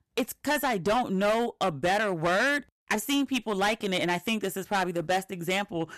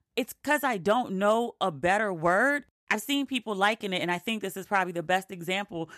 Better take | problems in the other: second | distortion; heavy; 11% of the sound clipped

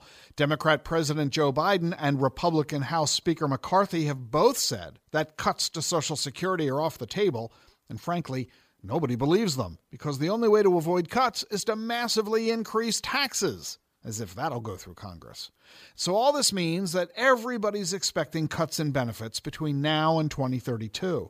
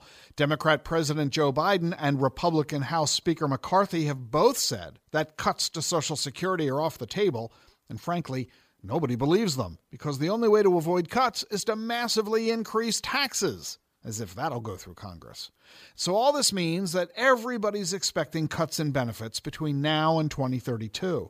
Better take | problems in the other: neither | none

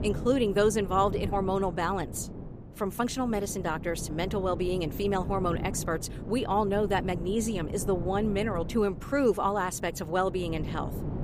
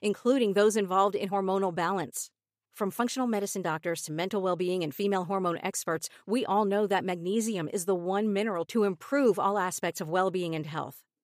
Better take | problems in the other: second | wind noise on the microphone; occasional gusts; 15 dB below the speech

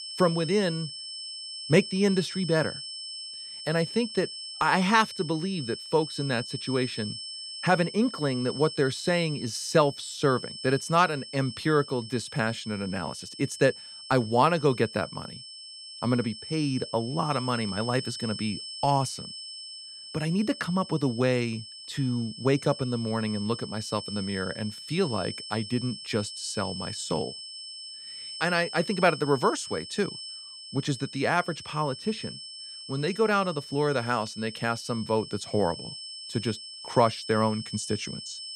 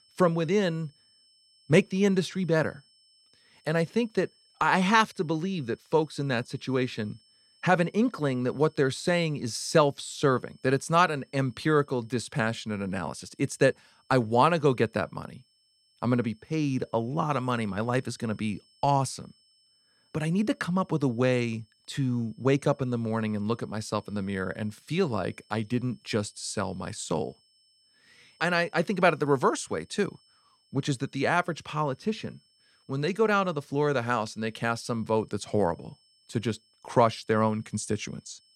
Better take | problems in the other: second | high-pitched whine; loud; throughout; 5.5 kHz, 10 dB below the speech; faint in the second

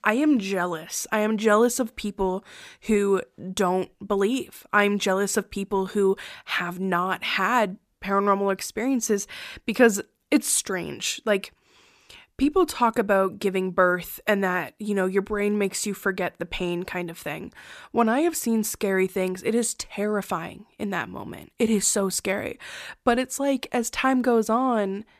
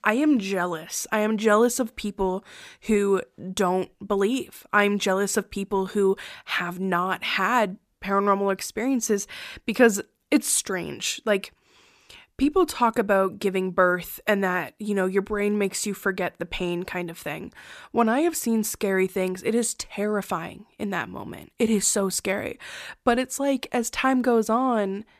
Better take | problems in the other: neither | none

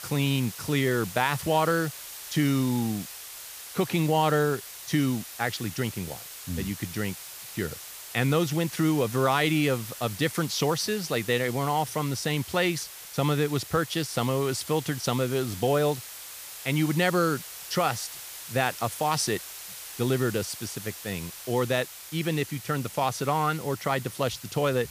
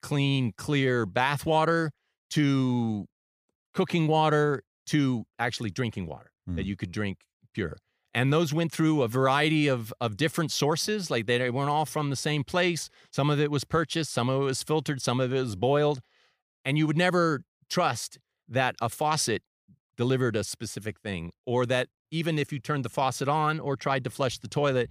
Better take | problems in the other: second | hiss; noticeable; throughout; 10 dB below the speech

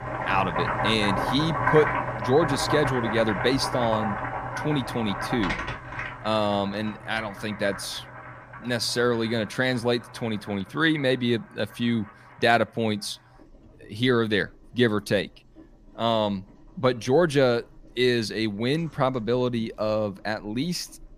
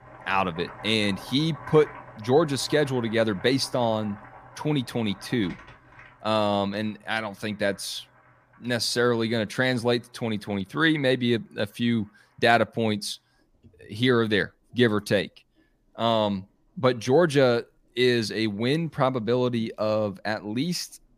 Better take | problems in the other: second | household noises; loud; throughout; 5 dB below the speech; faint in the second

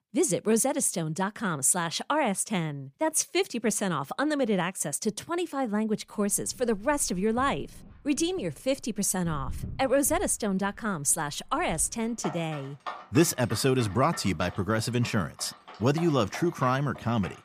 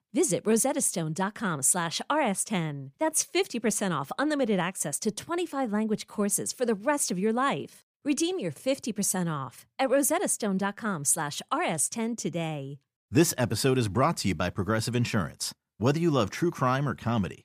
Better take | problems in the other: second | animal sounds; noticeable; from 6.5 s on; 15 dB below the speech

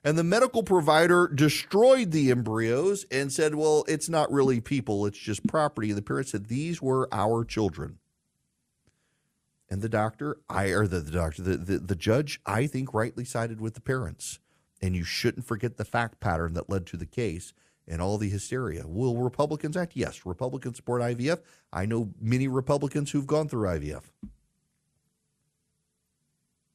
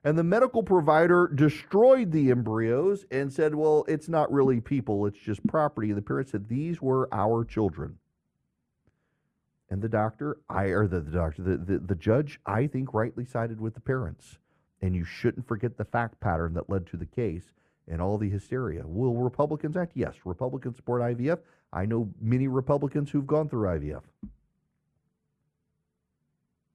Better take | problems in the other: first | muffled; very; fading above 2.5 kHz

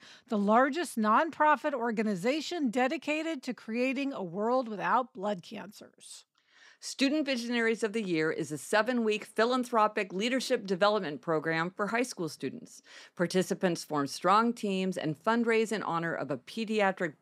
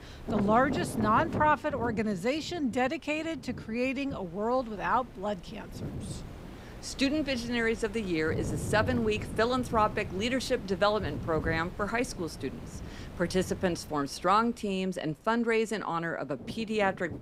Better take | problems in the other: first | wind noise on the microphone; occasional gusts; 15 dB below the speech

